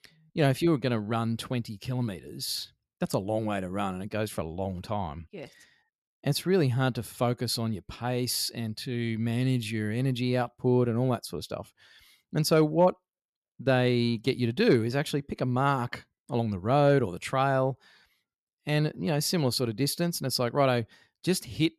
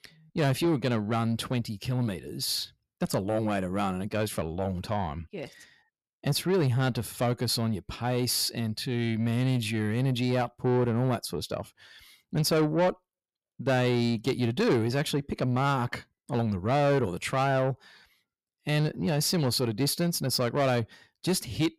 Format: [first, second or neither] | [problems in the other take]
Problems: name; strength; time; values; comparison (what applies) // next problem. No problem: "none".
first | distortion; slight; 10 dB below the speech